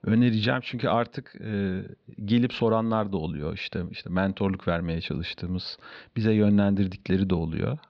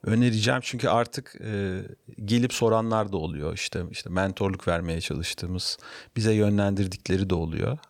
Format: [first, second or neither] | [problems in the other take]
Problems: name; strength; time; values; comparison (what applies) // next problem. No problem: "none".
second | muffled; very slightly; fading above 4 kHz